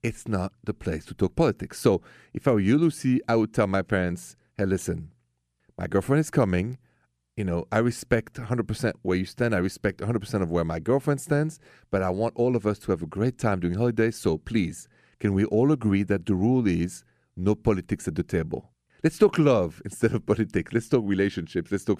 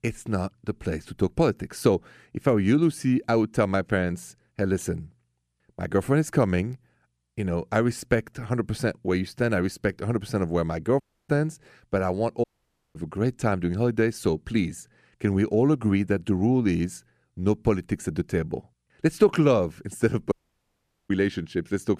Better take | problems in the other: first | audio cutting out; at 11 s, at 12 s for 0.5 s and at 20 s for 1 s

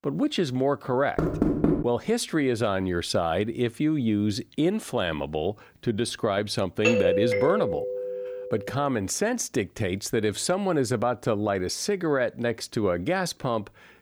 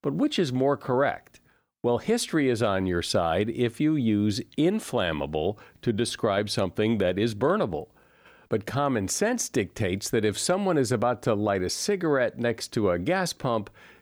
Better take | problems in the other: second | door banging; loud; at 1 s; peak 3 dB above the speech // doorbell; loud; from 7 to 8.5 s; peak 4 dB above the speech

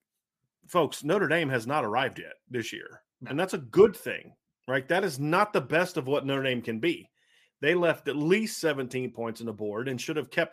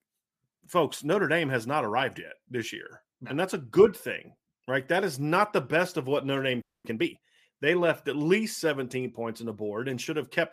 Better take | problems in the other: first | audio freezing; at 6.5 s

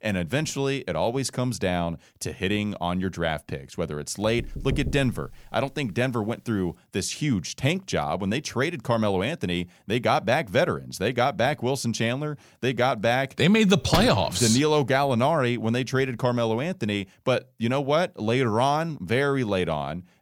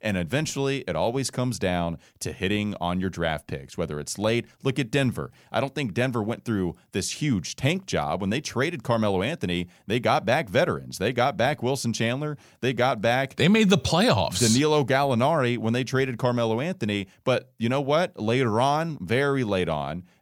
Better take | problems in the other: second | door banging; noticeable; from 4.5 to 5.5 s and at 14 s; peak 3 dB below the speech

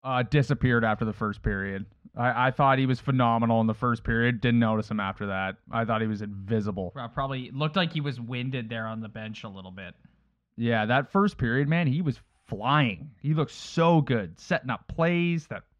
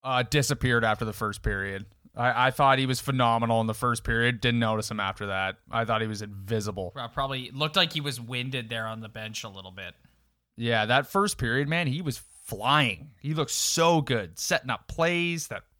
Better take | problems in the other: second | muffled; slightly; fading above 2.5 kHz

